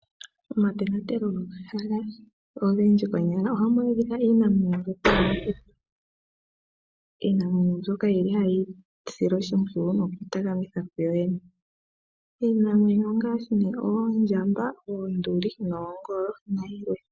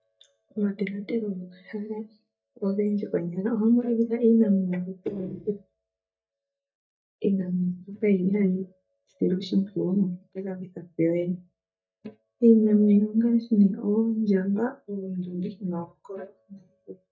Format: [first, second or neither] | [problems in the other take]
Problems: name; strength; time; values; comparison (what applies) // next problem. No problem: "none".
first | noise reduction (neural mask model DeepFilterNet 3)